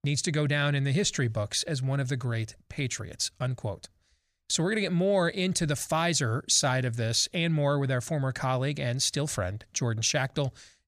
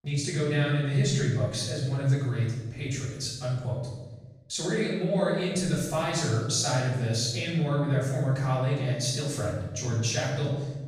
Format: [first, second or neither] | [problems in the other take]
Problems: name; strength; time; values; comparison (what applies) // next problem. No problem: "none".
first | off-mic speech; far // room echo; noticeable; dies away in 1.2 s